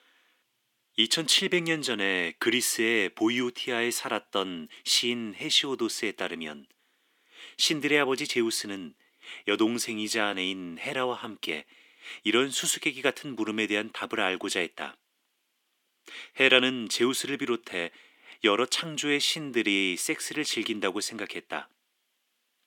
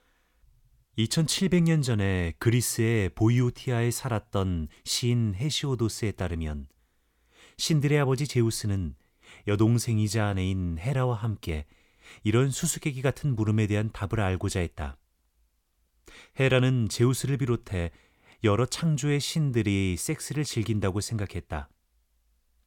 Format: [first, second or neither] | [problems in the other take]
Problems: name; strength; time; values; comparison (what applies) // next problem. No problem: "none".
second | thin; somewhat; fading below 250 Hz